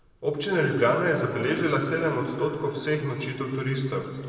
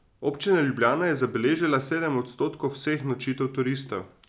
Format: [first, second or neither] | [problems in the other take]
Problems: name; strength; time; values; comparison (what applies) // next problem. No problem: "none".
second | room echo; dies away in 2.6 s